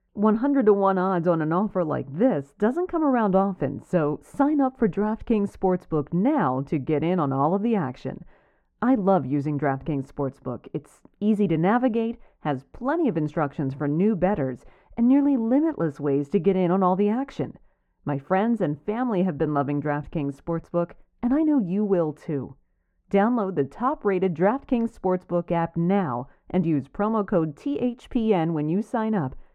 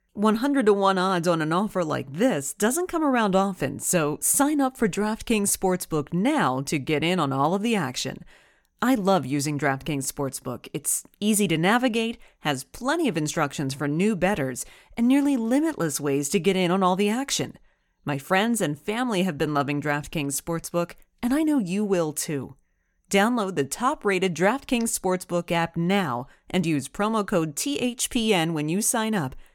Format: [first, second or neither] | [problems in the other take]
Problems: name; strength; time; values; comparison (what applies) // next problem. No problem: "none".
second | muffled; very; fading above 3 kHz